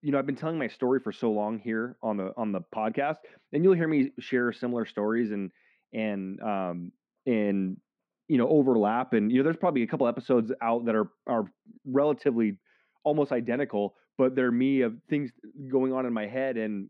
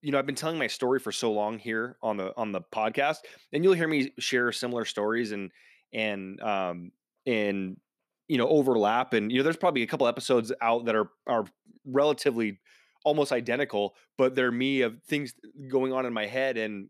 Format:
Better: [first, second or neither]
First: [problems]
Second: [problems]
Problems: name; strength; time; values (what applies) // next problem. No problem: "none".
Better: second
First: muffled; very; fading above 2 kHz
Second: none